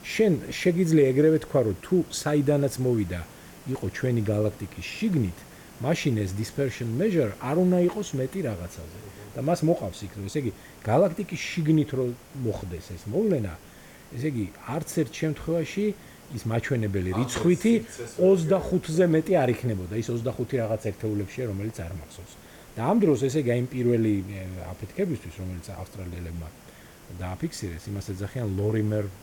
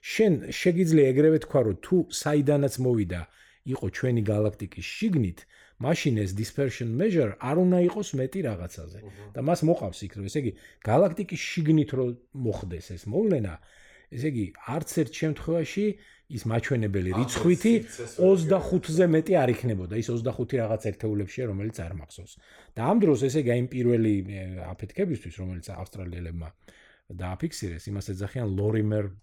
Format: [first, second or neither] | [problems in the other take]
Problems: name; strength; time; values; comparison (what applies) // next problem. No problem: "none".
second | hiss; faint; throughout; 20 dB below the speech